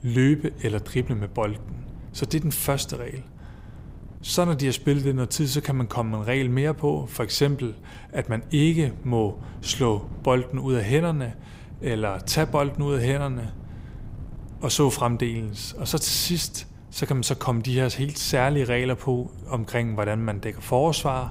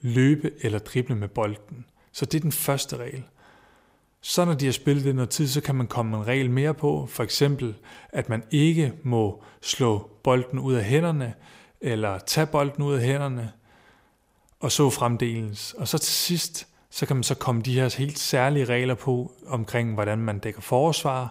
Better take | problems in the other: second | wind noise on the microphone; occasional gusts; 25 dB below the speech

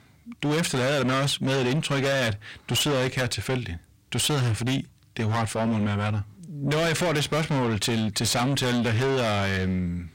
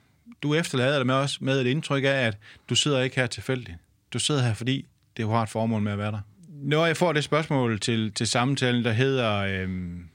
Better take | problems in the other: second | distortion; heavy; 5 dB below the speech

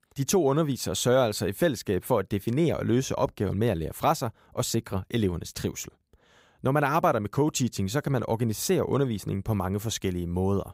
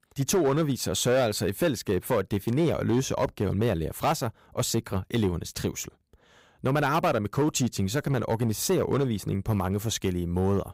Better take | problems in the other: first | distortion; slight; 7% of the sound clipped

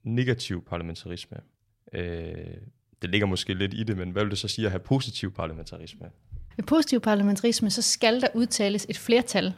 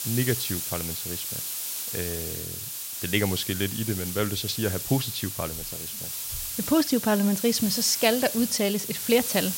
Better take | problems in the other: first | hiss; loud; throughout; 4 dB below the speech

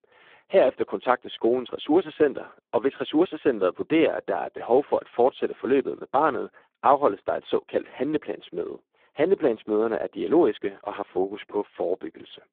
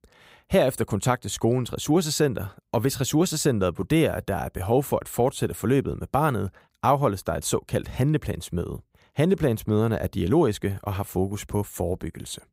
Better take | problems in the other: second | phone-call audio; poor line

